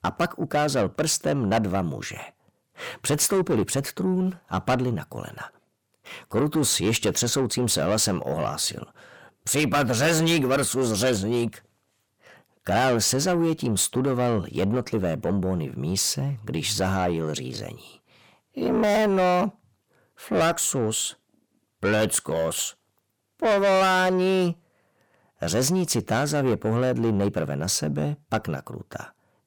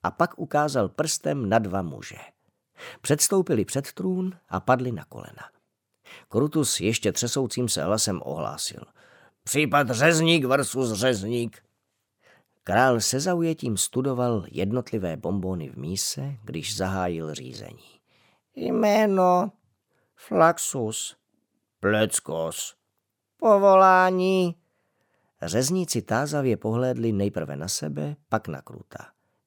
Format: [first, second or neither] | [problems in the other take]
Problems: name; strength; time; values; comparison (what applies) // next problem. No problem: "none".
second | distortion; heavy; 7 dB below the speech